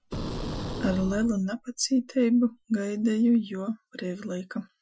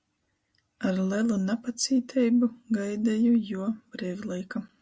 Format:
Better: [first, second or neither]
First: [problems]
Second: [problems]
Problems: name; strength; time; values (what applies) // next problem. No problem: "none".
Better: second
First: noise reduction (classical method Wiener filter)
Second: none